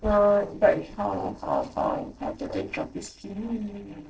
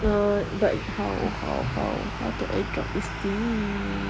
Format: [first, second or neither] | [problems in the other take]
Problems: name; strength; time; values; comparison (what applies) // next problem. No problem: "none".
second | noise reduction (neural separator model SepFormer DNS4)